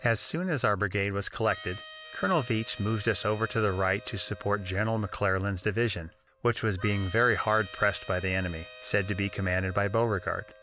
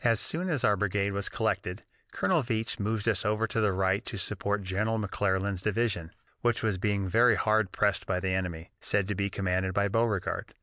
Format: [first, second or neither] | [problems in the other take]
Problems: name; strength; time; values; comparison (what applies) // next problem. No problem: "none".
second | background sound (Harmonica); 19 dB below the speech